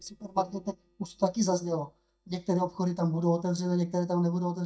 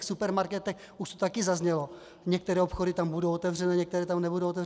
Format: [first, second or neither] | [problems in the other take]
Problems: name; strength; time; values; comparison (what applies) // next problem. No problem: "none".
second | noise reduction (neural mask model DeepFilterNet 3)